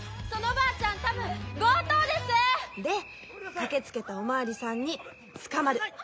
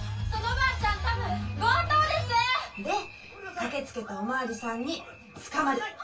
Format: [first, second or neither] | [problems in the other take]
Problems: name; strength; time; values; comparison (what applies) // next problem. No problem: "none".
first | room echo; dies away in 0.2 s